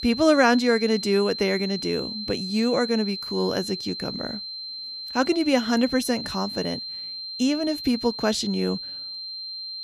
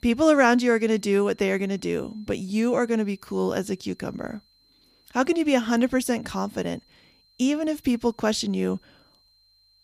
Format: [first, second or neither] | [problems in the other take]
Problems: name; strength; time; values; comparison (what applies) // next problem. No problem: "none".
second | high-pitched whine; loud; throughout; 4 kHz, 7 dB below the speech; faint in the second